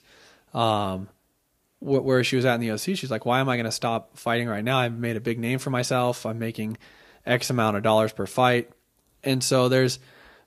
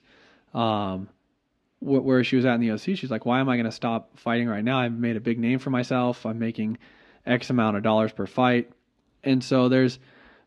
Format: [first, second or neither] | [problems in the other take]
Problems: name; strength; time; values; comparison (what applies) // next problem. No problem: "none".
first | muffled; very slightly; fading above 3 kHz